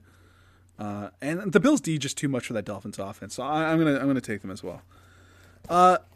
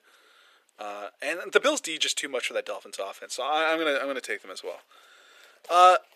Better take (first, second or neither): first